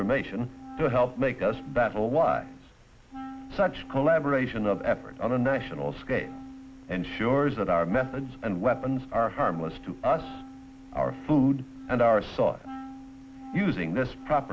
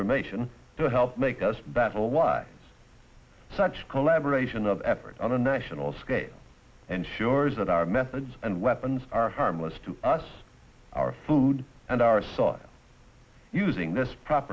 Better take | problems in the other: second | background sound (Wind instrument, woodwind instrument); 16 dB below the speech

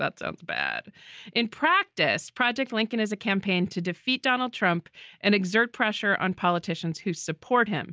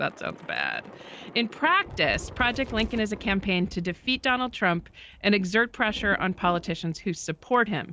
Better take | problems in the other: first | background sound (Thunder / Rain); 16 dB below the speech

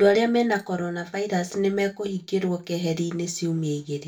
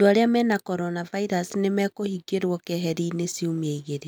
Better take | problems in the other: second | room echo; dies away in 0.2 s

